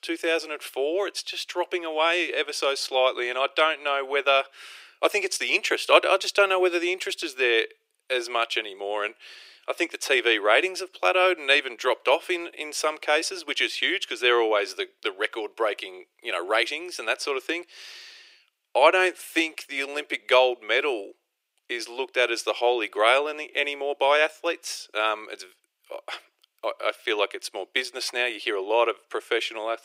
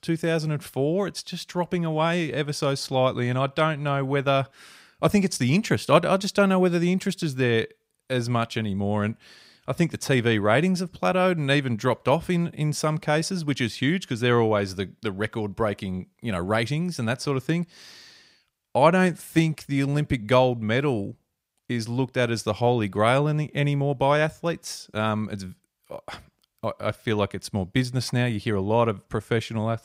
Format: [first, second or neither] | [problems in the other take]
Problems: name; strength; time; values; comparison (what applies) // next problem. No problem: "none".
second | thin; very; fading below 350 Hz